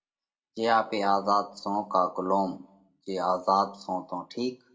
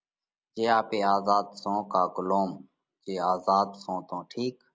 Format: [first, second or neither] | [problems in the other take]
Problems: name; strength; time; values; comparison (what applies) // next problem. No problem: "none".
second | room echo; dies away in 0.3 s